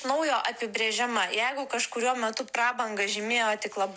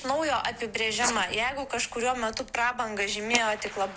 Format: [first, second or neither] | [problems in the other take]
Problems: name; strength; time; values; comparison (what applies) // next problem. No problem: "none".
first | noise reduction (neural mask model Resemble Enhance denoiser)